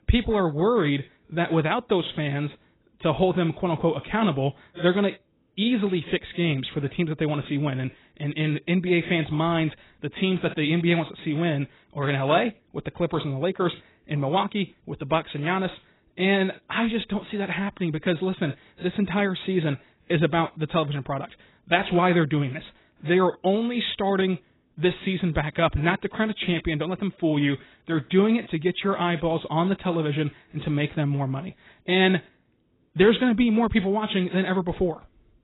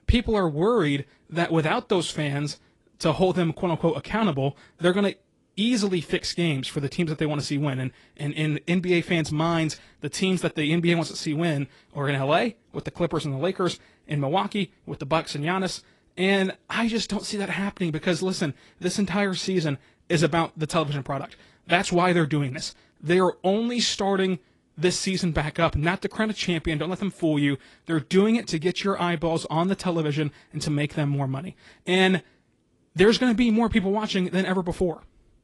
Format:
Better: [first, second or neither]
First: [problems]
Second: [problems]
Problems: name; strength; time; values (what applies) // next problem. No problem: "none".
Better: second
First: garbled, watery; badly; nothing above 4 kHz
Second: garbled, watery; slightly; nothing above 10.5 kHz